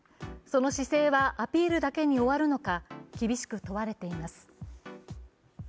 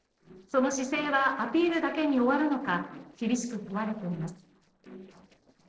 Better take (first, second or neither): first